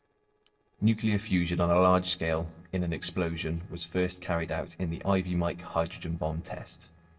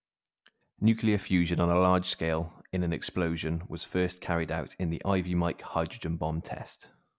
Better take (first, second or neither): second